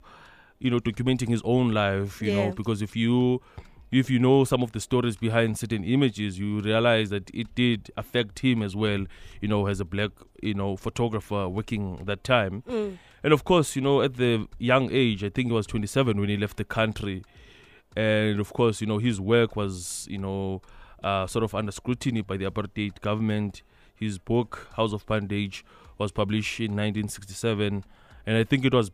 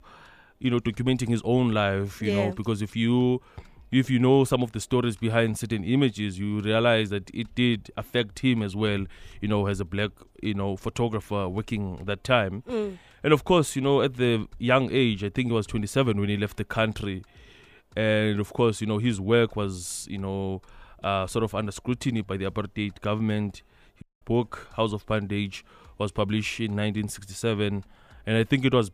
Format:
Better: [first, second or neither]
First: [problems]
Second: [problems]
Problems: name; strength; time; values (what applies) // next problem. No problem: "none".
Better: first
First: none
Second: audio cutting out; at 24 s